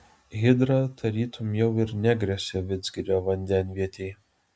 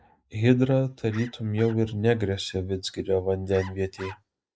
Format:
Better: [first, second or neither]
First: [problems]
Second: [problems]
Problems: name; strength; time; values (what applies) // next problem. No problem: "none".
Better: first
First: none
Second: noise reduction (neural mask model Resemble Enhance denoiser)